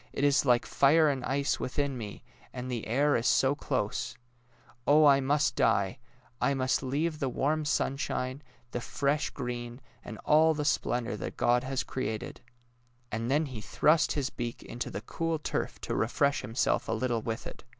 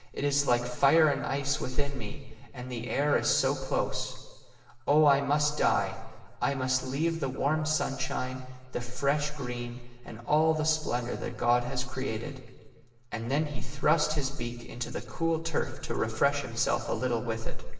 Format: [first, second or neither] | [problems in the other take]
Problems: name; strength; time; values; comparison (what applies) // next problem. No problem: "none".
first | room echo; dies away in 1.4 s